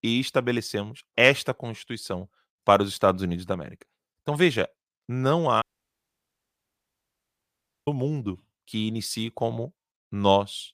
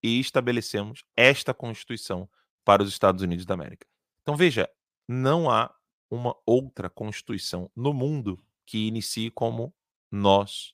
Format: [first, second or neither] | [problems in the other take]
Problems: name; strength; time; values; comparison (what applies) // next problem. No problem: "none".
second | audio cutting out; at 5.5 s for 2.5 s